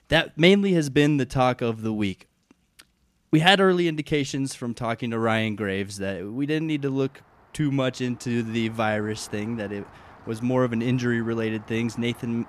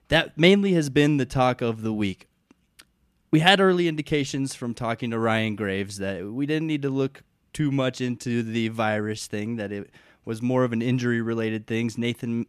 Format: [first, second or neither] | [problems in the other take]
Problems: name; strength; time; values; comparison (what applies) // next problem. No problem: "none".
second | rain or running water; faint; throughout; 25 dB below the speech